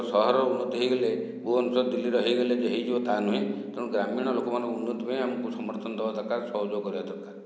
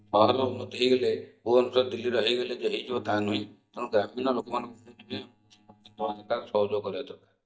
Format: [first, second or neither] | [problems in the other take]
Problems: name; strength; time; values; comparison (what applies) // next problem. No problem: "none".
first | noise reduction (neural mask model DeepFilterNet 3)